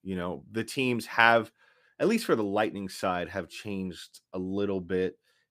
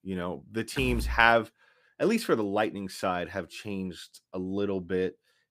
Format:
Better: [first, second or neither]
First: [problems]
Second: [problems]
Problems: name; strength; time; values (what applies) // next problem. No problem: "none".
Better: first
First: none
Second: door banging; noticeable; at 1 s; peak 6 dB below the speech